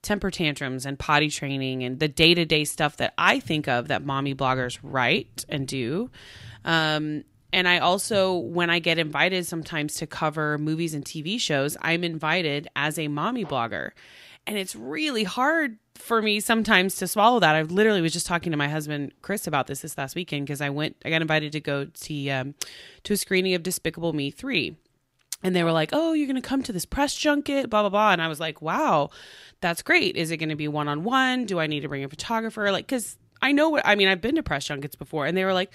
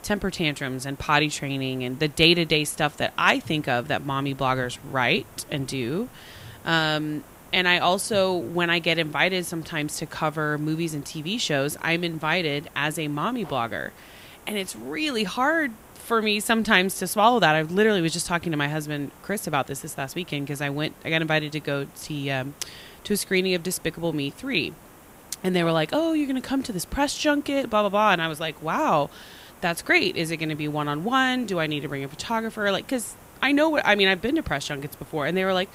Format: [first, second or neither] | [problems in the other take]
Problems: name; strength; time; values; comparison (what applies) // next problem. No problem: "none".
first | hiss; faint; throughout; 25 dB below the speech